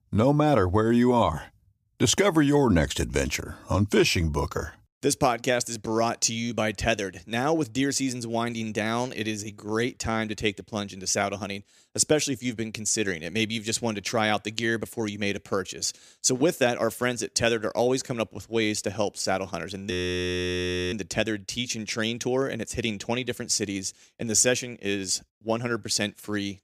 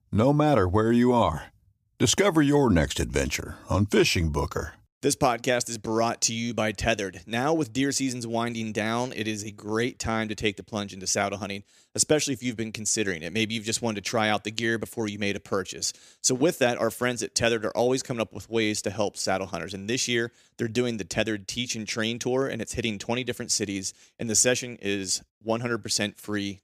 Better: second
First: audio freezing; at 20 s for 1 s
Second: none

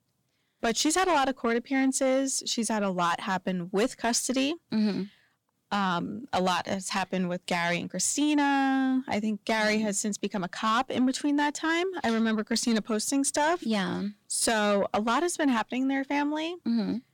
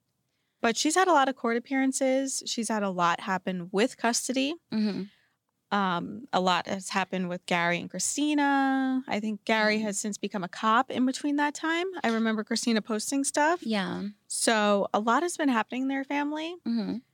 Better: second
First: distortion; slight; 10 dB below the speech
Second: none

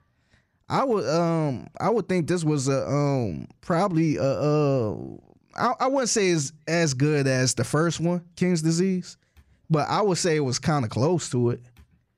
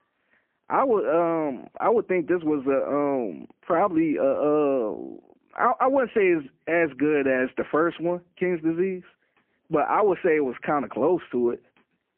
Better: first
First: none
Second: phone-call audio; poor line

